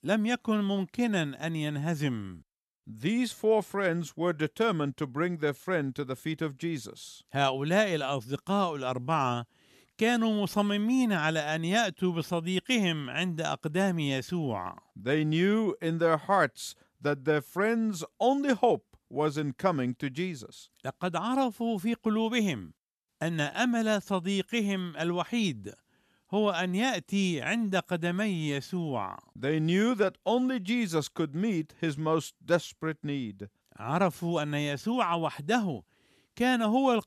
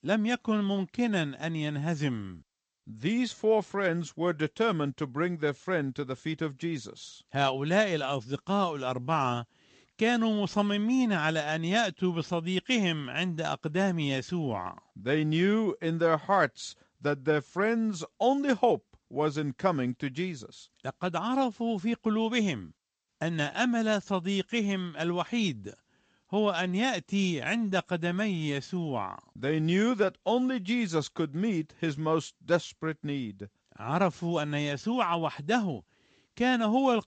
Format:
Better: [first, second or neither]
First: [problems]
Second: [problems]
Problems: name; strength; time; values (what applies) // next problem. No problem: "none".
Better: first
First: none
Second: garbled, watery; slightly; nothing above 8 kHz